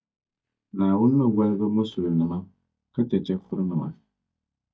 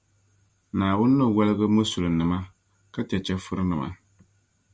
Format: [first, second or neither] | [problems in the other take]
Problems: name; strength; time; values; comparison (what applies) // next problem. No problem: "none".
second | noise reduction (neural mask model DeepFilterNet 3)